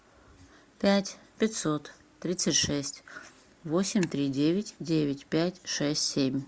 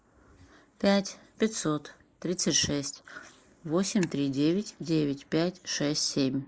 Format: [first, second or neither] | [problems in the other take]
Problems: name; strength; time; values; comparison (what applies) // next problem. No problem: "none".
first | noise reduction (neural mask model Resemble Enhance denoiser)